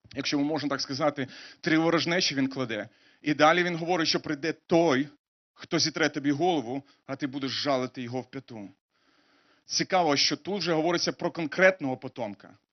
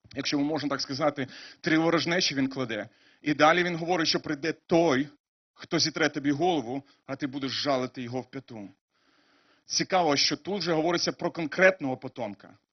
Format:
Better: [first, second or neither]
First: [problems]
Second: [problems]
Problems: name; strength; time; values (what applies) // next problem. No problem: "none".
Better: first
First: garbled, watery; slightly; nothing above 6 kHz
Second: garbled, watery; badly; nothing above 6 kHz